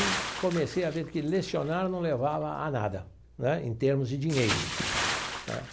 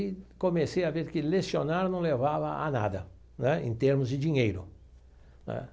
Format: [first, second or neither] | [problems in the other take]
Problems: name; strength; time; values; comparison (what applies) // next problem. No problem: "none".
second | background sound (Bathtub (filling or washing) / Splash, splatter); 6 dB below the speech